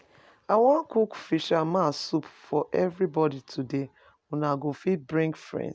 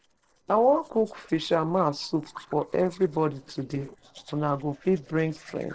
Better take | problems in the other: first | noise reduction (neural separator model SepFormer DNS4)

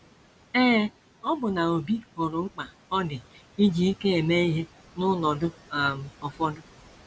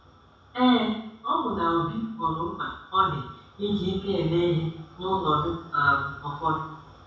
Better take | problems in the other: first | room echo; dies away in 0.7 s

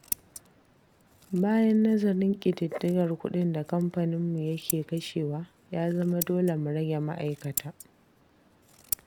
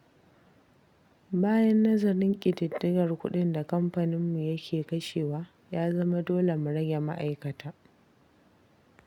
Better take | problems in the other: second | background sound (Scissors); 14 dB below the speech

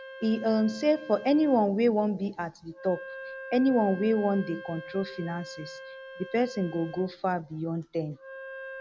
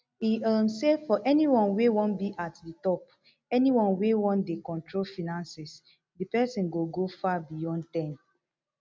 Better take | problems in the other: second | background sound (Wind instrument, woodwind instrument); 15 dB below the speech

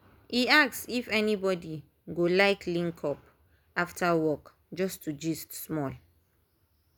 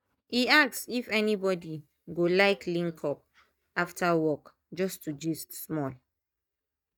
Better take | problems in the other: first | noise reduction (neural mask model DeepFilterNet 3)

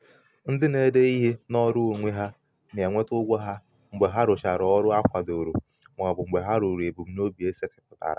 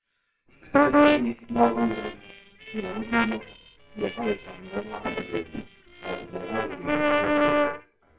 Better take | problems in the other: first | noise reduction (neural separator model SepFormer WHAMR!)

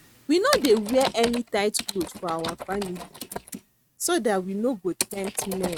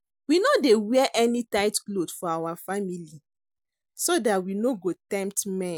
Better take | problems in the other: second | noise reduction (neural mask model RNNoise)

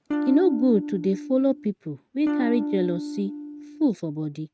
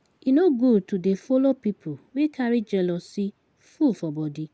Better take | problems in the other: second | noise reduction (neural mask model RNNoise)

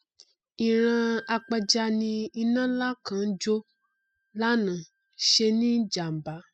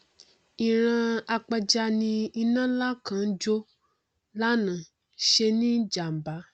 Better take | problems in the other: second | noise reduction (classical method spectral subtraction)

